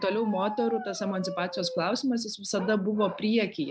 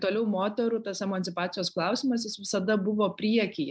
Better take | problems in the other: second | background sound (Bark); 11 dB below the speech

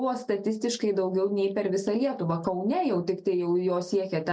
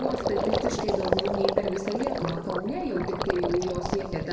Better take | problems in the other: first | background sound (Gurgling); 1 dB above the speech // room echo; dies away in 2.1 s

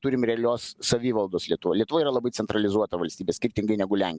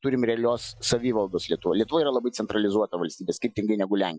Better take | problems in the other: first | noise reduction (classical method Wiener filter)

